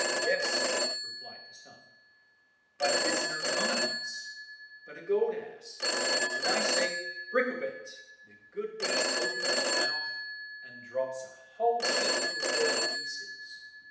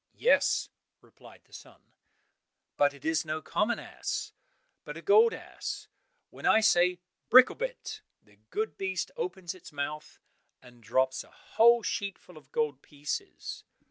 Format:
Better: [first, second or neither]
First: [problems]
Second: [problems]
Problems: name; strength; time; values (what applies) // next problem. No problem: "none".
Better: second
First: background sound (Telephone); 4 dB above the speech // room echo; dies away in 0.8 s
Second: none